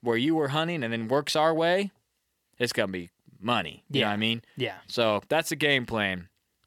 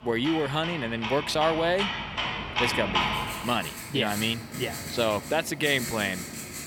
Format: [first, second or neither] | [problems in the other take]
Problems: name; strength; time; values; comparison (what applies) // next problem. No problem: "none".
first | household noises; loud; throughout; 4 dB below the speech